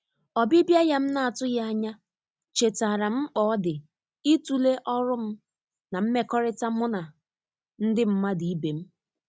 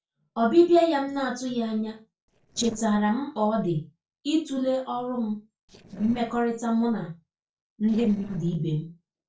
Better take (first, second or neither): first